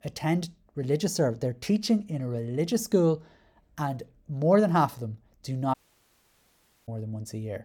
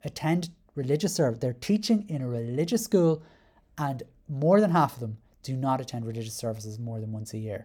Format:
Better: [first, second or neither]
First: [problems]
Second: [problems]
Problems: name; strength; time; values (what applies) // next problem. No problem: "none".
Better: second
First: audio cutting out; at 5.5 s for 1 s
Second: none